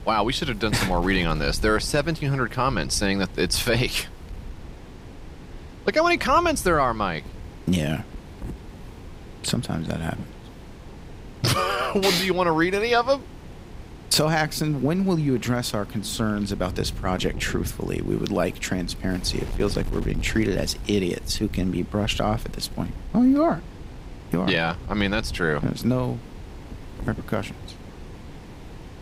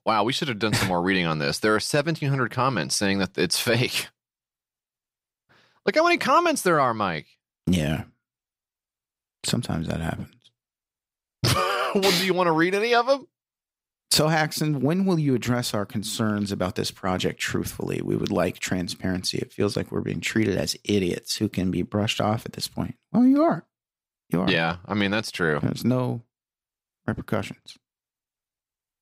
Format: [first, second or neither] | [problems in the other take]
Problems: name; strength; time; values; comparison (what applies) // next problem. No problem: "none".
second | wind noise on the microphone; occasional gusts; 20 dB below the speech